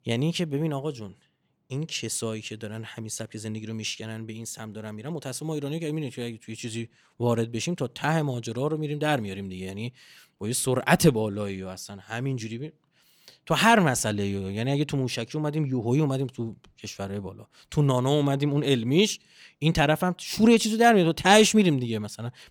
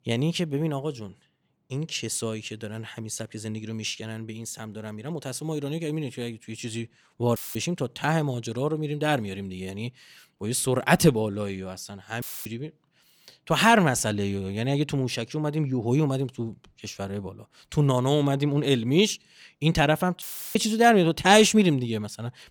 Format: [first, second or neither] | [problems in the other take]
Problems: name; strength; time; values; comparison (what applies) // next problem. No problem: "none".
first | audio cutting out; filled with static; at 7.5 s, at 12 s and at 20 s